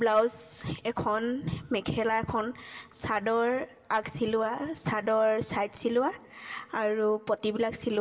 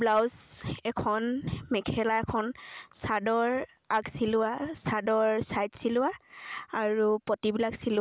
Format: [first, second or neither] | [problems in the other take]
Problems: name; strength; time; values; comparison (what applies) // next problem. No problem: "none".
second | room echo; dies away in 2.4 s